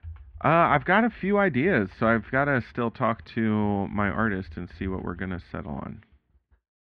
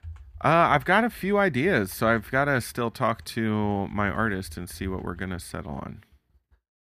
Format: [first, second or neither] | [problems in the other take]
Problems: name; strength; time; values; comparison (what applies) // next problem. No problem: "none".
second | muffled; slightly; fading above 3 kHz